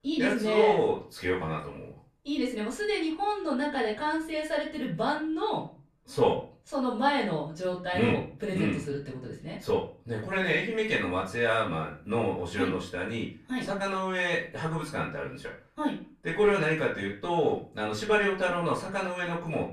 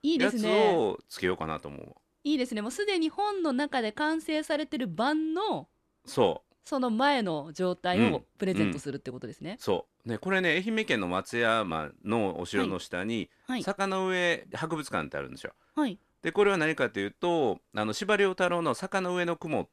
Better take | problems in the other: second | off-mic speech; far // room echo; slight; dies away in 0.4 s

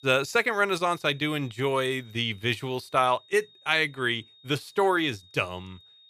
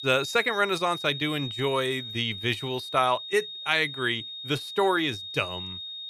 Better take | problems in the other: first | high-pitched whine; loud; throughout; 3.5 kHz, 8 dB below the speech; faint in the first

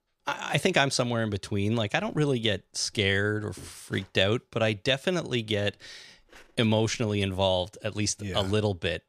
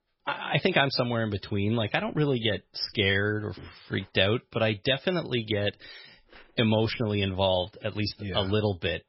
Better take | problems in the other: first | garbled, watery; badly; nothing above 5.5 kHz

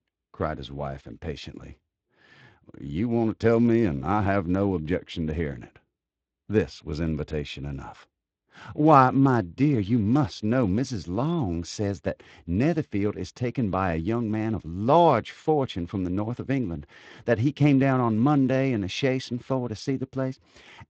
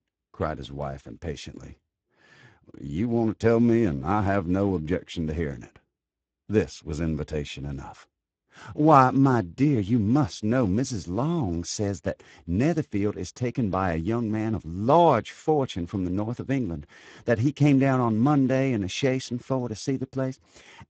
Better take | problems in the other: first | garbled, watery; badly; nothing above 7.5 kHz; slightly in the first

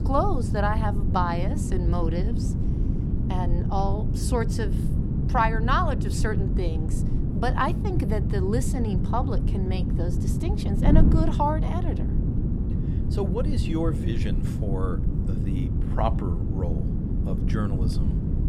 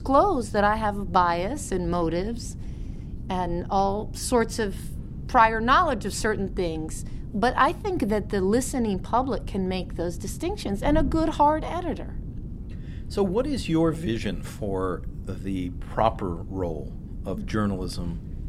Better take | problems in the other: second | wind noise on the microphone; heavy; 7 dB below the speech; occasional gusts in the second

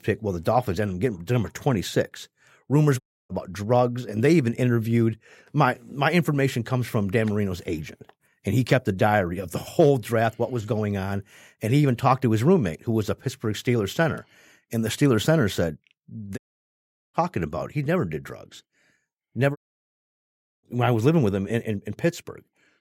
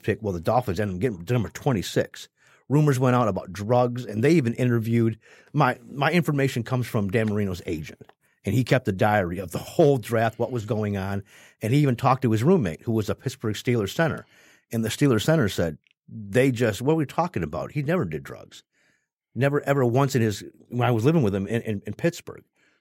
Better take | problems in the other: second | audio cutting out; at 3 s, at 16 s for 1 s and at 20 s for 1 s

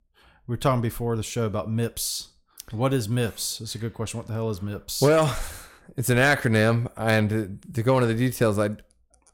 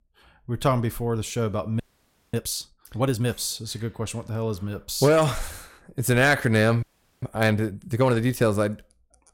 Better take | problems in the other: first | audio freezing; at 2 s for 0.5 s and at 7 s

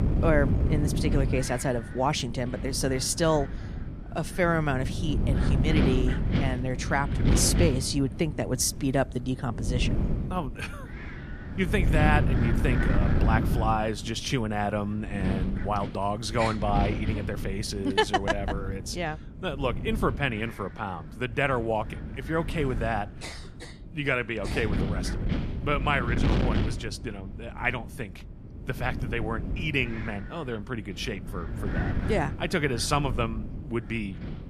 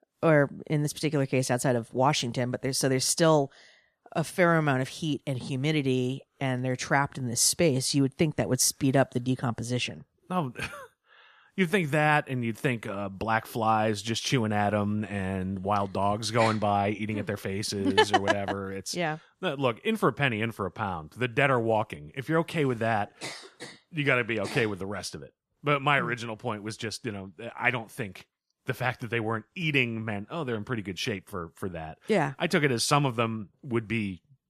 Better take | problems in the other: second | wind noise on the microphone; heavy; 9 dB below the speech

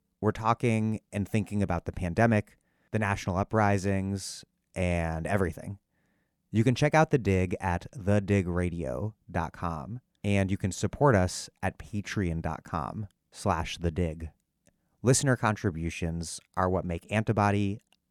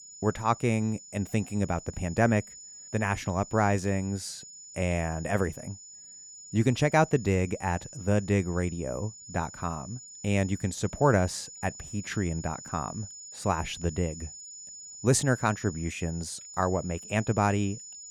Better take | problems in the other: first | high-pitched whine; noticeable; throughout; 7 kHz, 15 dB below the speech

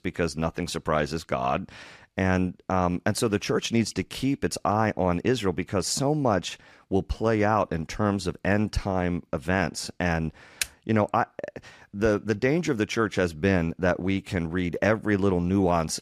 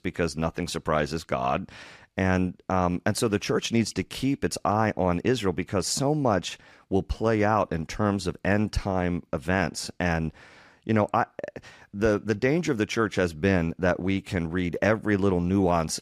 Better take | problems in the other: second | keyboard typing; very faint; at 11 s; peak 6 dB below the speech

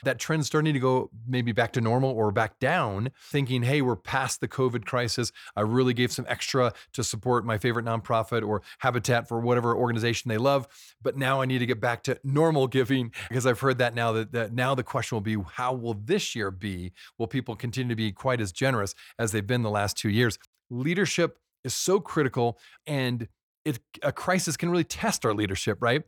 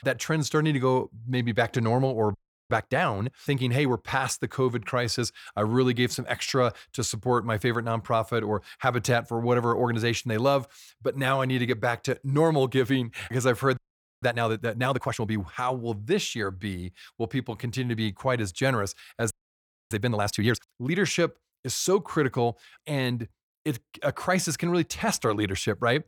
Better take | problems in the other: first | audio freezing; at 2.5 s, at 14 s and at 19 s for 0.5 s

